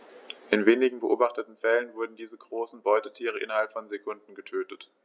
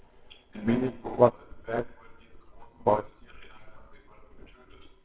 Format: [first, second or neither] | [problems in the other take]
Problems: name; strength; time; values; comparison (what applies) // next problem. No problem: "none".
first | noise reduction (neural separator model SepFormer WHAMR!)